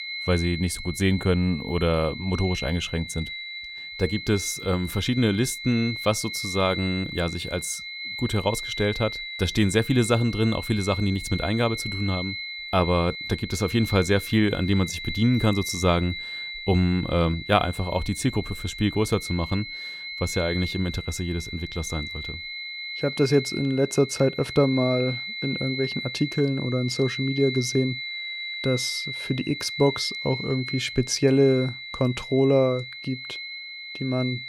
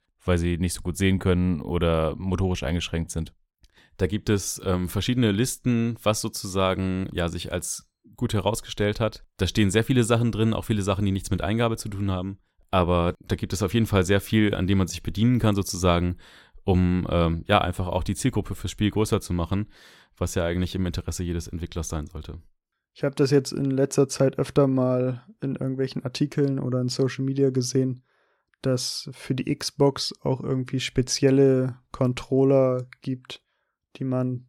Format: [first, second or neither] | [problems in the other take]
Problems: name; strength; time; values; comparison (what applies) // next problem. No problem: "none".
second | high-pitched whine; loud; throughout; 2 kHz, 8 dB below the speech